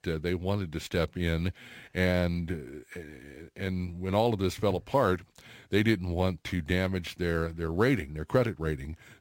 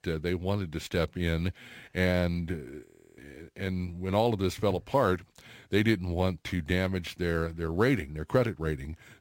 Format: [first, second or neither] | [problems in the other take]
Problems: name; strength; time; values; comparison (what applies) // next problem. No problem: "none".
first | audio freezing; at 3 s